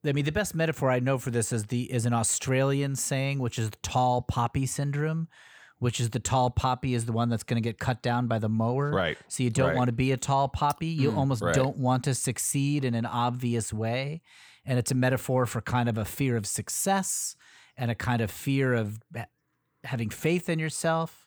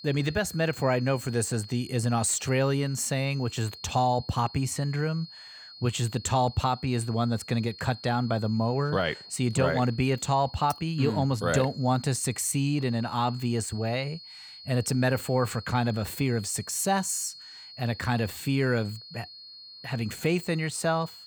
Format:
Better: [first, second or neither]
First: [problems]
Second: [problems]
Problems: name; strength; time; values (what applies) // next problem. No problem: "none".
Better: first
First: none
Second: high-pitched whine; noticeable; throughout; 4.5 kHz, 15 dB below the speech